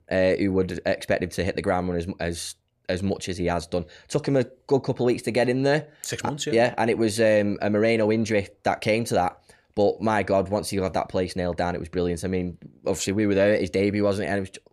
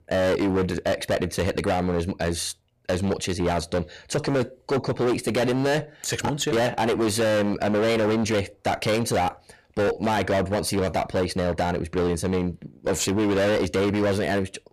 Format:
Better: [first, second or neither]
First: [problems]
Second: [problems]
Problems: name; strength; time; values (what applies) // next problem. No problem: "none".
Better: first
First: none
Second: distortion; heavy; 24% of the sound clipped